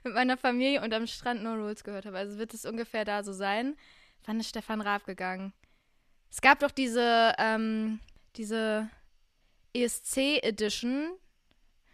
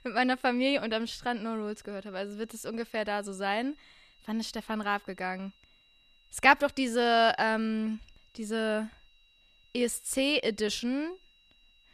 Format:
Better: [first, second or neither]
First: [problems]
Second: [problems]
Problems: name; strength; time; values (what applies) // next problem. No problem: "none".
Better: first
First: none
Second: high-pitched whine; faint; throughout; 3 kHz, 35 dB below the speech